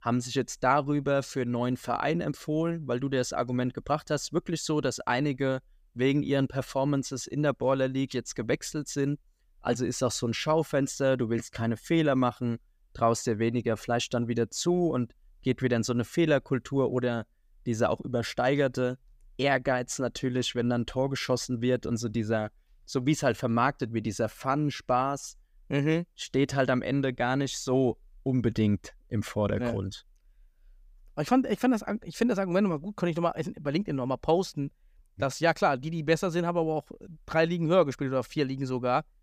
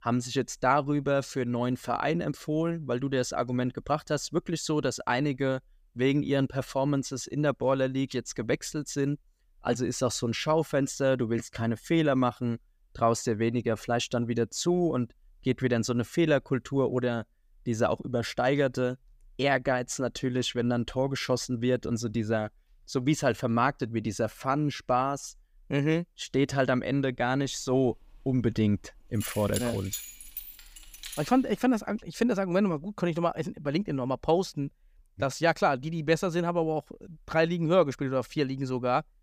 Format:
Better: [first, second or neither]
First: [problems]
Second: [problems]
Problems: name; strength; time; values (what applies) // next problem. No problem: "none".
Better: first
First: none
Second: jangling keys; noticeable; from 28 to 31 s; peak 7 dB below the speech